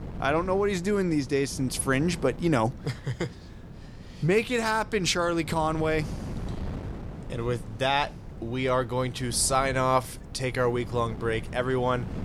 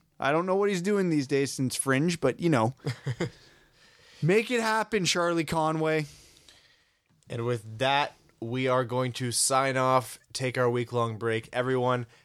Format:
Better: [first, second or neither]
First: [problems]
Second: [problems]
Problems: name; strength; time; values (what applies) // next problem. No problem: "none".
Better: second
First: wind noise on the microphone; occasional gusts; 20 dB below the speech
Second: none